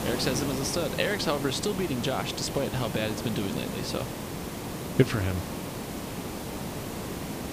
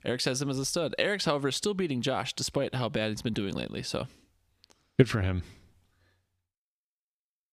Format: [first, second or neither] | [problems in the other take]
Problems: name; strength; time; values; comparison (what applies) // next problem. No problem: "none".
second | hiss; loud; throughout; 5 dB below the speech